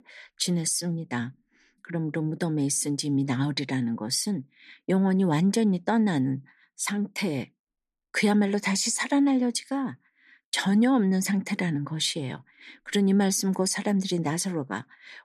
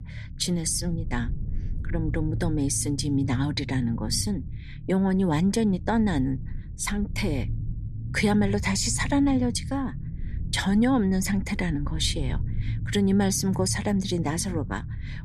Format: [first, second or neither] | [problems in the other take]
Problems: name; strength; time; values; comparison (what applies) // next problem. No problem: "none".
first | low rumble; noticeable; throughout; 20 dB below the speech